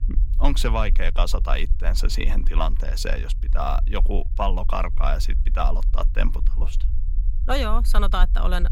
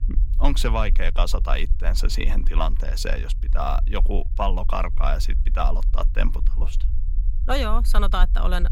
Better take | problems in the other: neither | low rumble; faint; throughout; 20 dB below the speech; the same in both

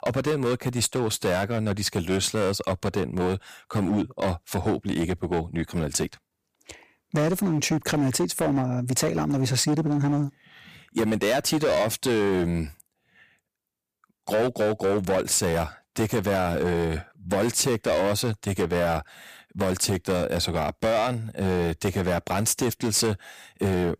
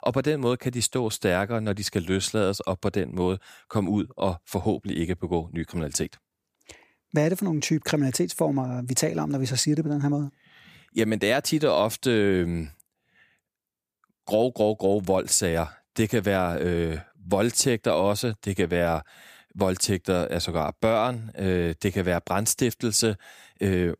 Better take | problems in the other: second | distortion; heavy; 12% of the sound clipped

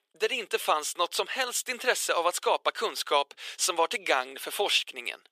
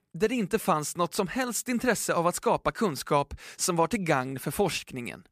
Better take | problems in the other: second | thin; very; fading below 400 Hz

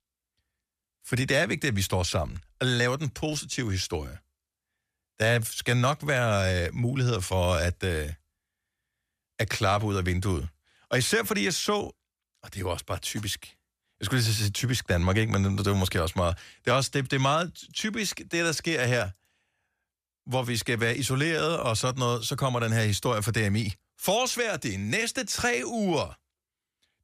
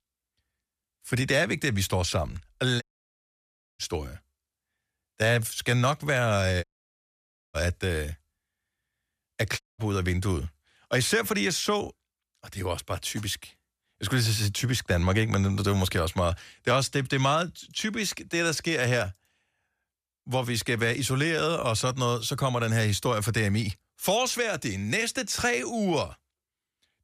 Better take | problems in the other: first | audio cutting out; at 3 s for 1 s, at 6.5 s for 1 s and at 9.5 s

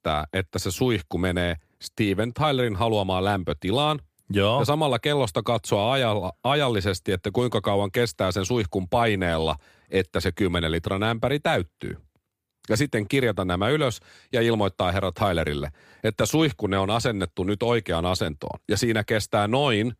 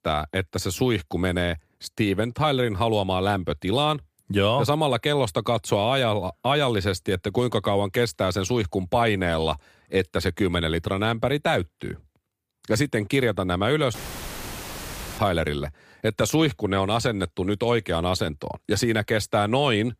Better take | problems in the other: first | audio cutting out; filled with static; at 14 s for 1 s

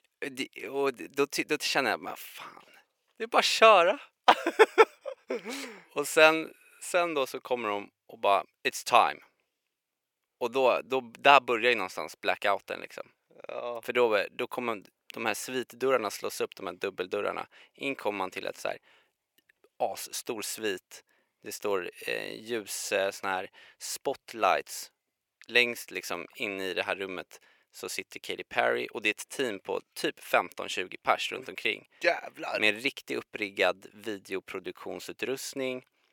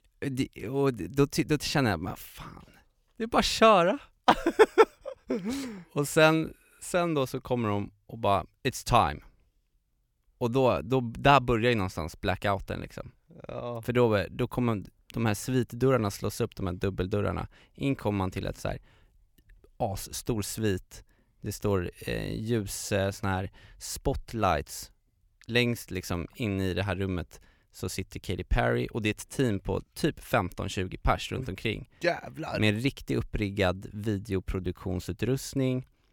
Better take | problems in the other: second | thin; somewhat; fading below 500 Hz

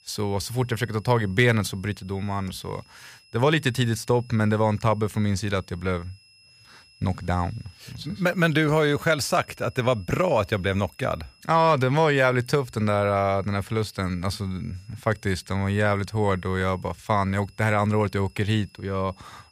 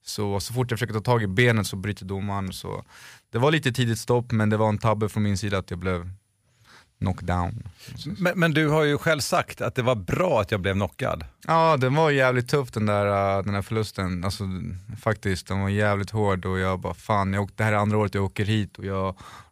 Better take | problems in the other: second | high-pitched whine; faint; throughout; 5 kHz, 30 dB below the speech

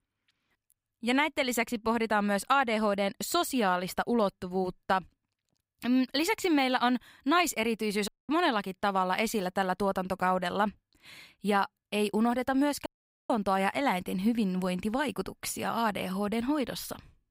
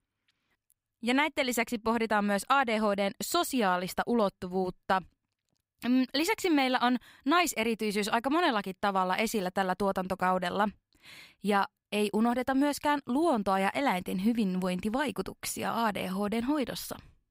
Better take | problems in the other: second | audio cutting out; at 8 s and at 13 s

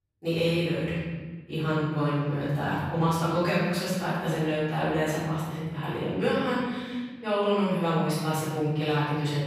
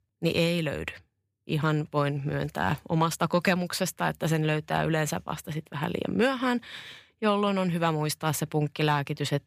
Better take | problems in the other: second | room echo; strong; dies away in 1.6 s // off-mic speech; far

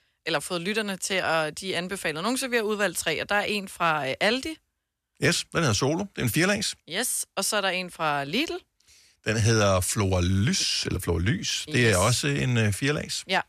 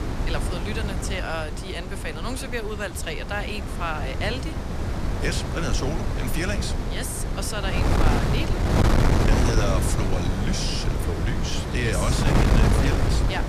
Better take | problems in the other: first | wind noise on the microphone; heavy; as loud as the speech

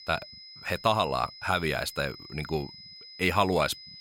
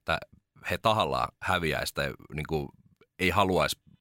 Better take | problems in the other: second | high-pitched whine; noticeable; throughout; 5 kHz, 15 dB below the speech

